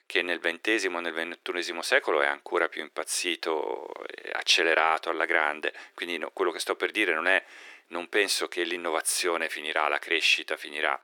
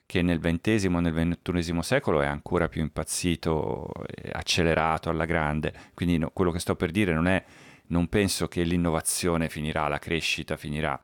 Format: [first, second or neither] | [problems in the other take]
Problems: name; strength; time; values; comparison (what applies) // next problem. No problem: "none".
second | thin; very; fading below 350 Hz